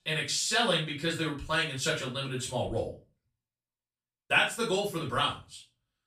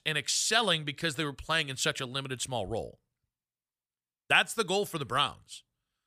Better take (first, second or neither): second